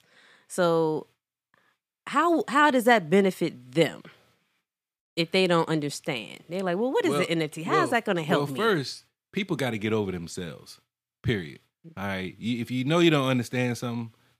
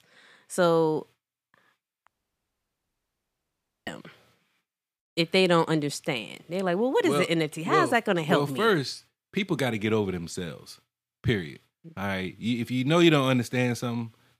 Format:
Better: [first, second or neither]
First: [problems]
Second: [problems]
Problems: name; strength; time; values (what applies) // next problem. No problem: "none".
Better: first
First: none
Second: audio cutting out; at 2 s for 2 s